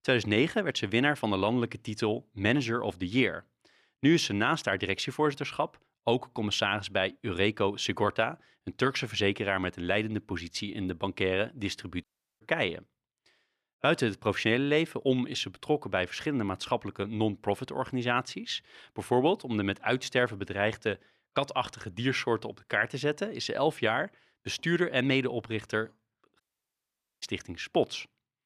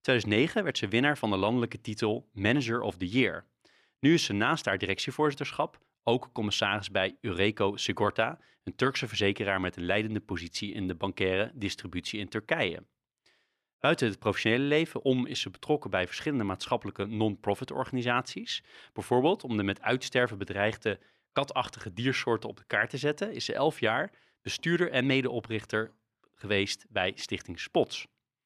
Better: second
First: audio cutting out; at 12 s and at 26 s for 1 s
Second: none

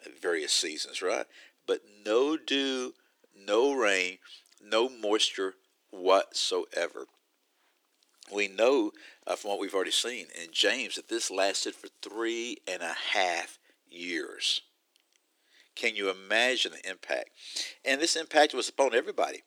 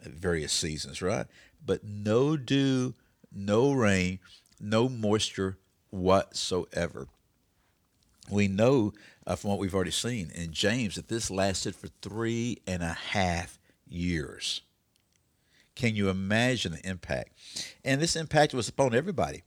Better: second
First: thin; somewhat; fading below 300 Hz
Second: none

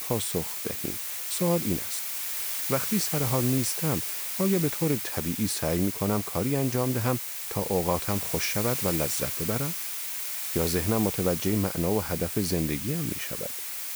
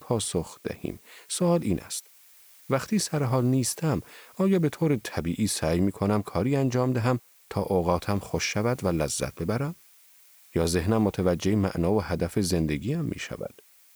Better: second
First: hiss; loud; throughout; 1 dB below the speech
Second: hiss; faint; throughout; 25 dB below the speech

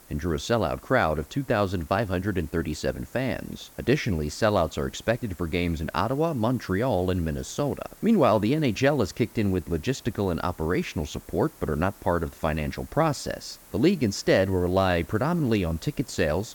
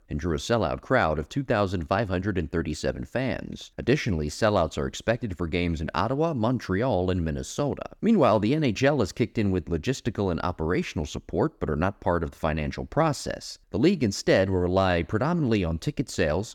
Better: second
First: hiss; faint; throughout; 25 dB below the speech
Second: none

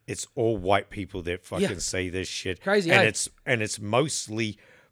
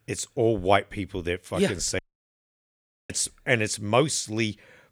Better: first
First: none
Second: audio cutting out; at 2 s for 1 s

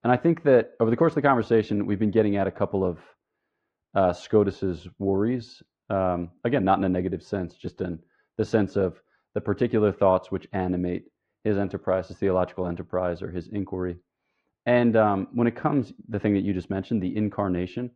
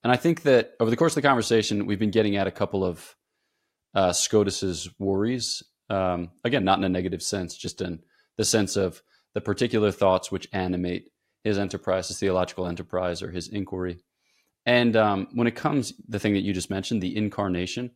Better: second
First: muffled; very; fading above 1.5 kHz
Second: none

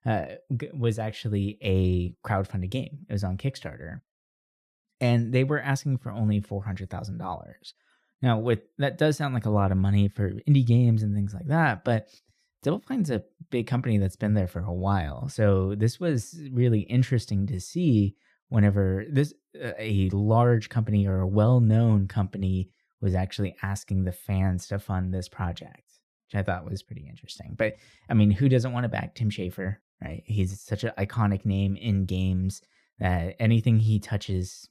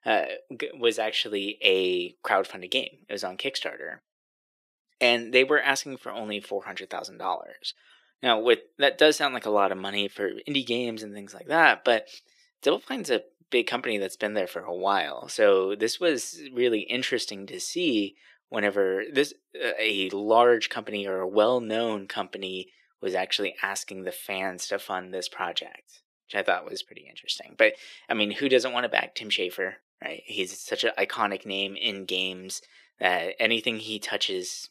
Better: first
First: none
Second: thin; very; fading below 350 Hz

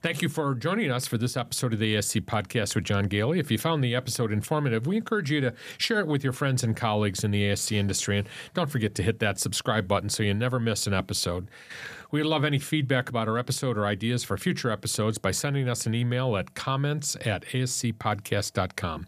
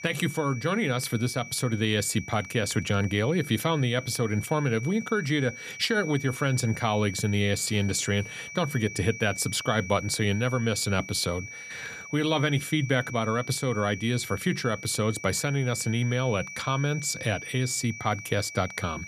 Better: first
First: none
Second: high-pitched whine; noticeable; throughout; 2.5 kHz, 10 dB below the speech

